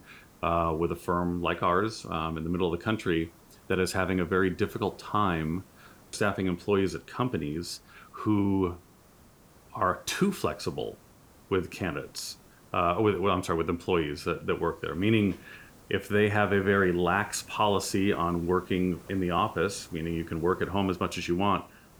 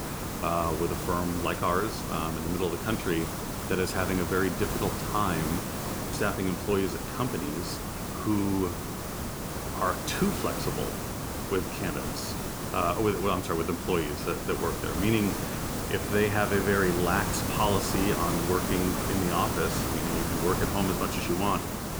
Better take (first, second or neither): first